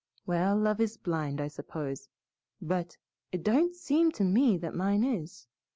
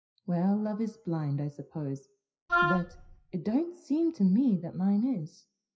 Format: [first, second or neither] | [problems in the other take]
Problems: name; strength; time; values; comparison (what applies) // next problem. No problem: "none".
first | noise reduction (classical method WPE with log-MMSE)